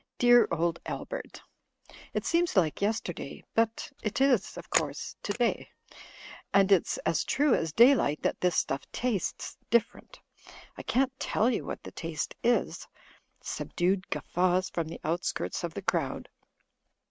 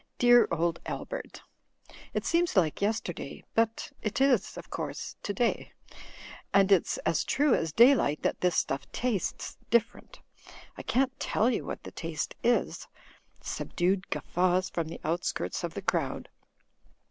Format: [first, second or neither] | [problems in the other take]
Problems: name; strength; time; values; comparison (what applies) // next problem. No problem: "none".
second | noise reduction (neural mask model RNNoise)